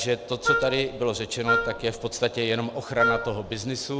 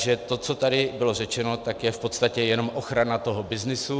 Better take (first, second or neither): second